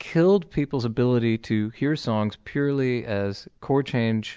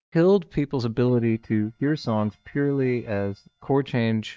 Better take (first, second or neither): first